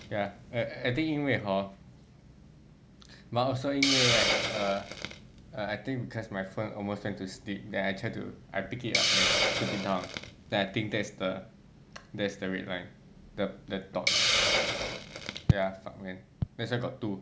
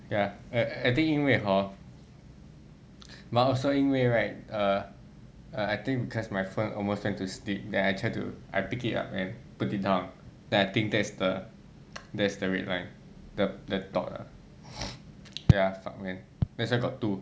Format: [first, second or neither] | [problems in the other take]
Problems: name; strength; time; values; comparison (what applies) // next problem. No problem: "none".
second | background sound (Hiss); 1 dB below the speech